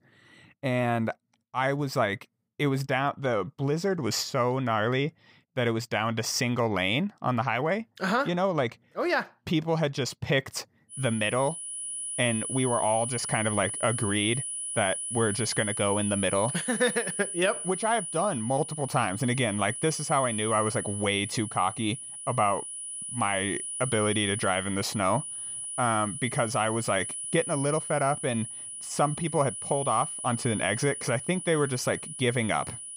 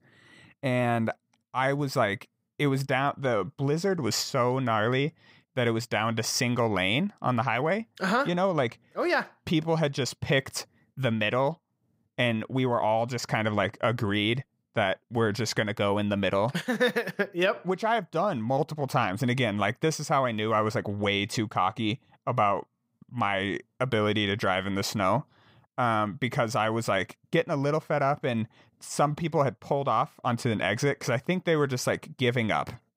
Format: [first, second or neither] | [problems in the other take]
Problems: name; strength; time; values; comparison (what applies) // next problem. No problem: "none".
second | high-pitched whine; loud; from 11 s on; 10 kHz, 5 dB below the speech